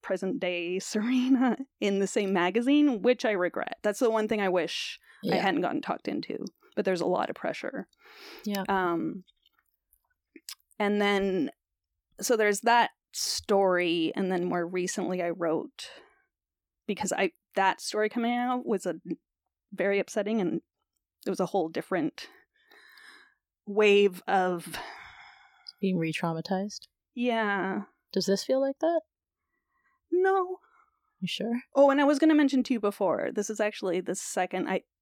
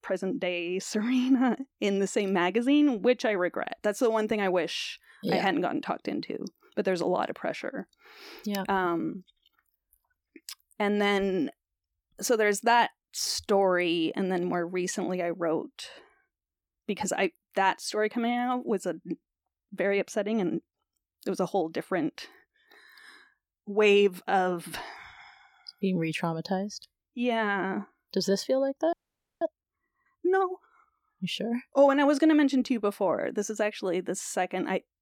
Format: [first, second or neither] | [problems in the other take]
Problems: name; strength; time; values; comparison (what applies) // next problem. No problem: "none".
first | audio freezing; at 29 s